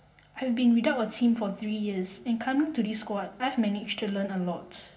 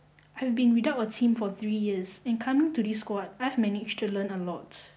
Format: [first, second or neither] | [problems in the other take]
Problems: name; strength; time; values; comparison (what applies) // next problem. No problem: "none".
second | room echo; dies away in 0.8 s